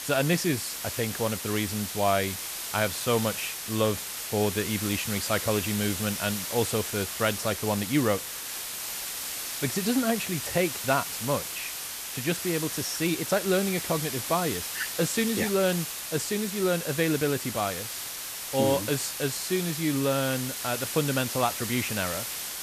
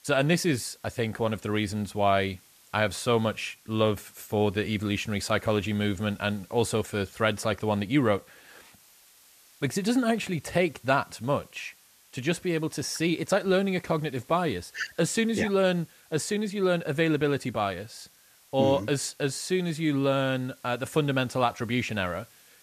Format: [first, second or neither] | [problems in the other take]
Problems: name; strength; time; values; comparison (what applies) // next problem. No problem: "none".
second | hiss; loud; throughout; 4 dB below the speech; faint in the second